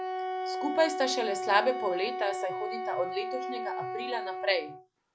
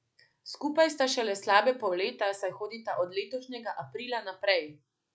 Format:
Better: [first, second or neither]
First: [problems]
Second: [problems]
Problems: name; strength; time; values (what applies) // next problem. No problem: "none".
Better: second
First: background sound (Wind instrument, woodwind instrument); 3 dB below the speech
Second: none